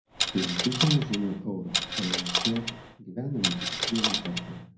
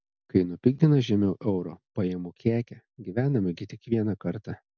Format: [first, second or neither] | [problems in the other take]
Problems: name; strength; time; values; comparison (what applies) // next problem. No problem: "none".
second | background sound (Coin (dropping)); as loud as the speech // room echo; dies away in 0.6 s